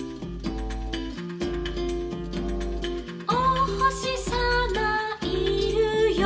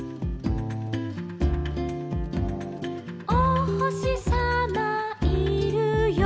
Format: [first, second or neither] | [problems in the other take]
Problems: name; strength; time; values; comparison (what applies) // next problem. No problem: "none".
second | room echo; dies away in 0.2 s